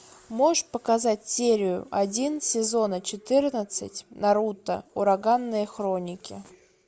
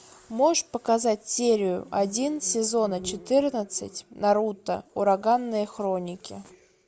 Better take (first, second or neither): first